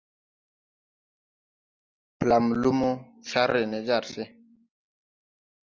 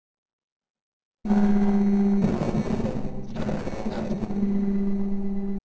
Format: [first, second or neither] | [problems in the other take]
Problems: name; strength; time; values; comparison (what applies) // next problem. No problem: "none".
first | noise reduction (neural separator model SepFormer DNS4)